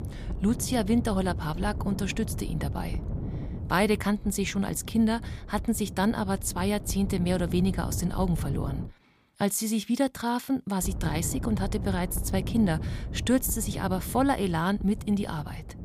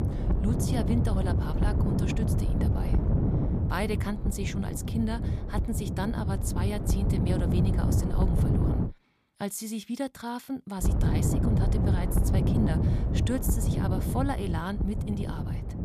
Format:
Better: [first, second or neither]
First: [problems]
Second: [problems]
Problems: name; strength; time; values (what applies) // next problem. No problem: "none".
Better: first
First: wind noise on the microphone; occasional gusts; until 9 s and from 11 s on; 15 dB below the speech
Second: wind noise on the microphone; heavy; until 9 s and from 11 s on; 1 dB below the speech